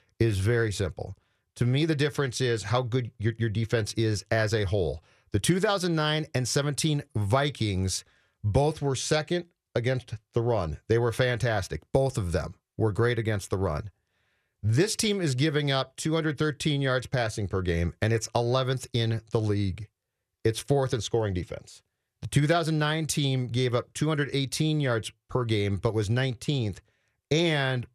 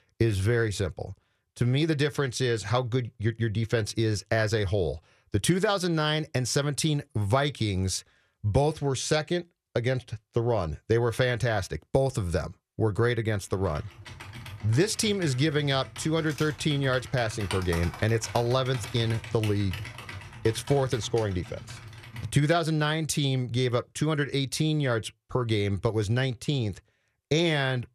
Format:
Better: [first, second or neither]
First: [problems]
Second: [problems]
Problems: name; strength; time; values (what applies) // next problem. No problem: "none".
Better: first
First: none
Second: keyboard typing; noticeable; from 14 to 22 s; peak 8 dB below the speech